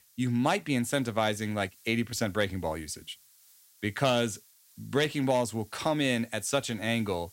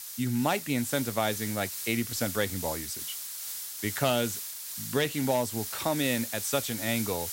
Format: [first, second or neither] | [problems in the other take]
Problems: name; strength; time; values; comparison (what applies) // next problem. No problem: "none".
first | hiss; loud; throughout; 5 dB below the speech; faint in the first